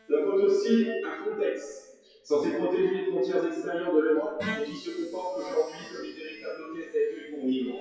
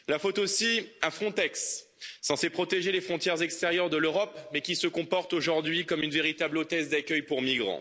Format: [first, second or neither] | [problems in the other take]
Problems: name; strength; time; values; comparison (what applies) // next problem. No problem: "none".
second | noise reduction (classical method WPE with log-MMSE)